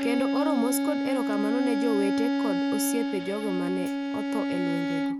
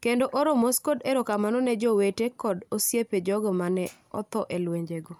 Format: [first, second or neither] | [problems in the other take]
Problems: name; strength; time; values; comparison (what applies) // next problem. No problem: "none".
second | background sound (Bowed string instrument); 4 dB above the speech